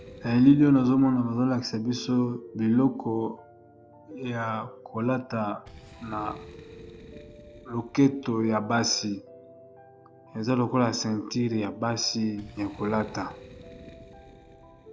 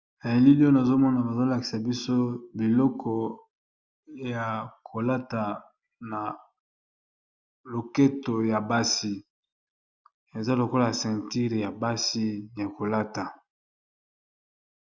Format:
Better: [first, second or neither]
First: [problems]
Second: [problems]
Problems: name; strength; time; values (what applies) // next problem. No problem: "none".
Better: second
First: background sound (Boom + Piano); 20 dB below the speech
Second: none